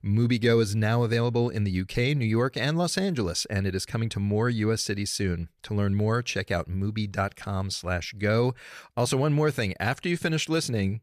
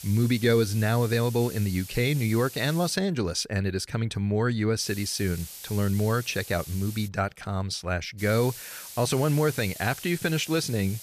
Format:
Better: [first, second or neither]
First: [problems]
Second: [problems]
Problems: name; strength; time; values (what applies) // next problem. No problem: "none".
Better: first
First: none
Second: hiss; noticeable; until 3 s, from 5 to 7 s and from 8 s on; 15 dB below the speech